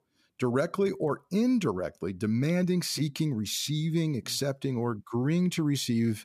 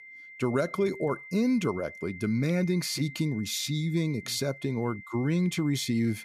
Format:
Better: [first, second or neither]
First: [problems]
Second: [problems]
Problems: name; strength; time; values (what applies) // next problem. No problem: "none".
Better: first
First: none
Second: high-pitched whine; noticeable; throughout; 2 kHz, 15 dB below the speech